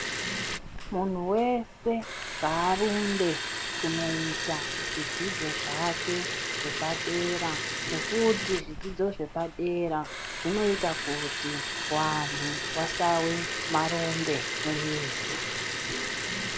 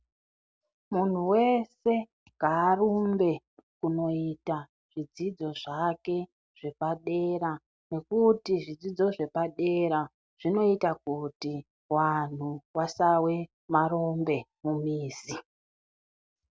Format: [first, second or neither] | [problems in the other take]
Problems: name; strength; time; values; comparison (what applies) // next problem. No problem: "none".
second | background sound (Liquid); 2 dB below the speech